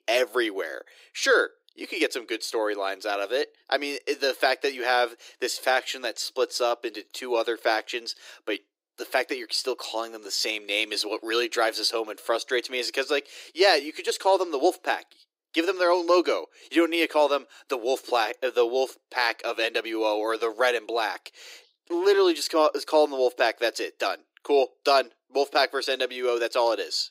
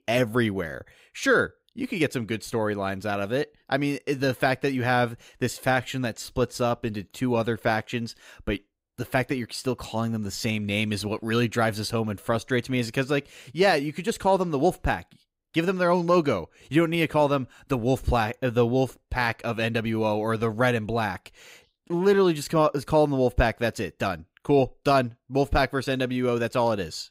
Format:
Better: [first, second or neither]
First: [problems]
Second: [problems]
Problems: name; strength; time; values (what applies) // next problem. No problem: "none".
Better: second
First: thin; very; fading below 350 Hz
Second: none